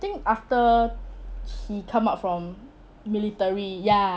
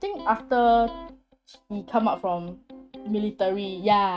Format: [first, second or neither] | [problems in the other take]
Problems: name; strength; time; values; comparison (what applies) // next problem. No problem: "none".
first | noise reduction (neural mask model RNNoise)